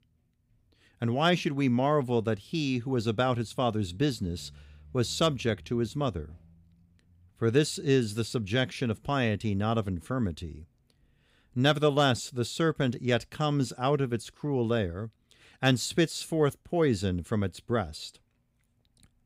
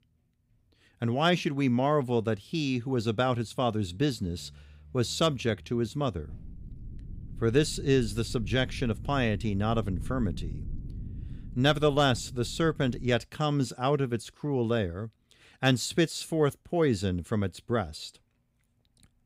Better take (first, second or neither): first